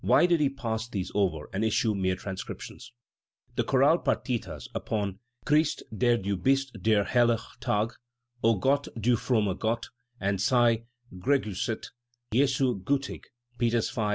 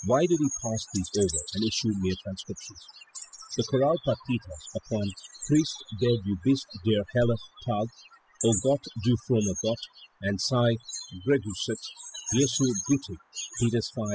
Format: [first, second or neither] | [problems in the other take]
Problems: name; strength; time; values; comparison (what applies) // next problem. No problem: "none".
first | noise reduction (classical method spectral subtraction)